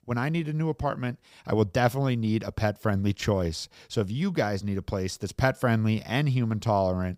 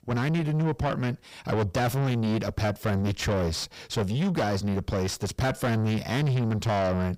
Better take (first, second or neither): first